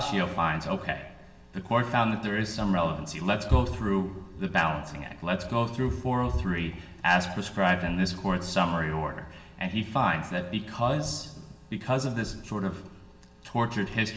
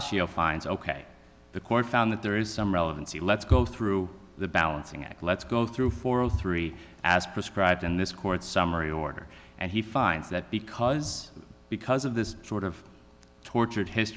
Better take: second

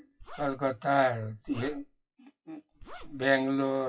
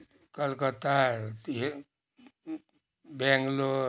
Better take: second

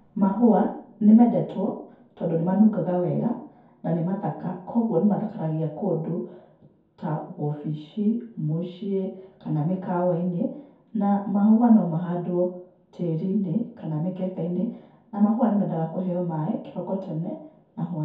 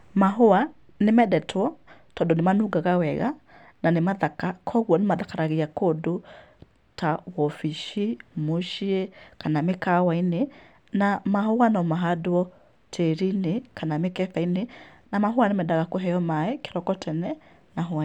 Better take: second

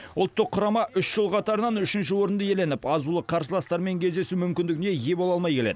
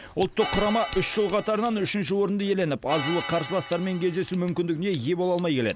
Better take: first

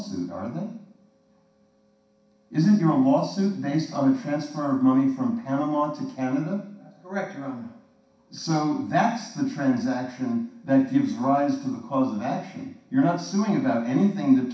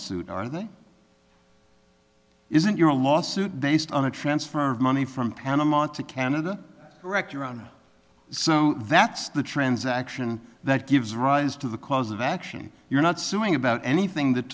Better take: second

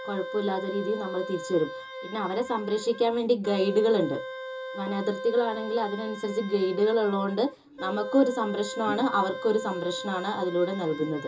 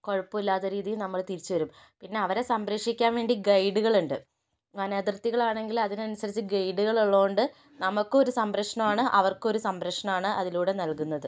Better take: second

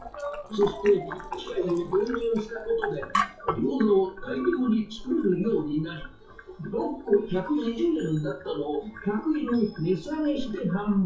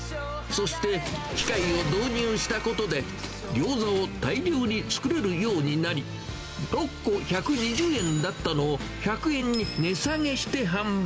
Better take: second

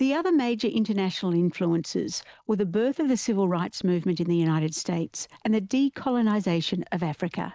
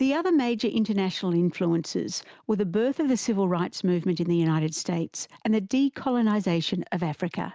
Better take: second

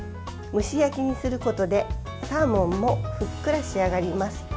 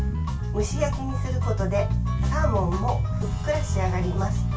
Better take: first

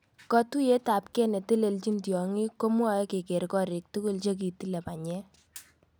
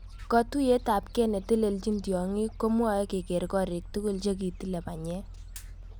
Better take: first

